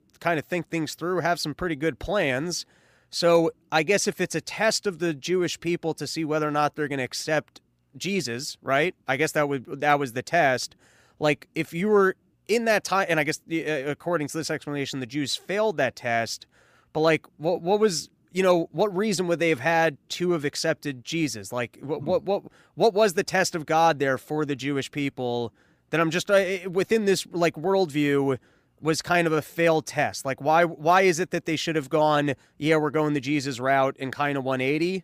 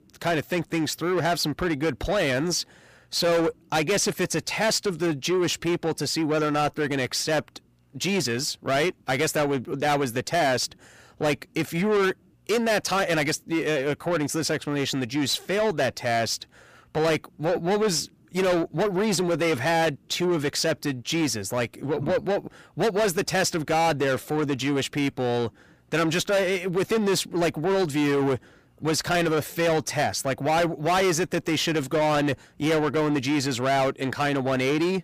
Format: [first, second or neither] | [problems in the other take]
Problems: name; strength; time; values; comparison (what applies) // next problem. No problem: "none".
first | distortion; heavy; 7 dB below the speech